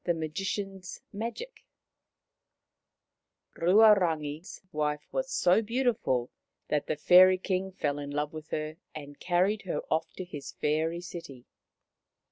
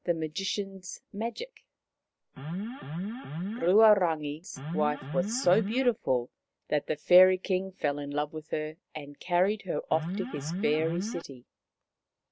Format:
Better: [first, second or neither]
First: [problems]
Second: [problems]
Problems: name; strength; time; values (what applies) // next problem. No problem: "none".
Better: first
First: none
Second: background sound (Alarm); 5 dB below the speech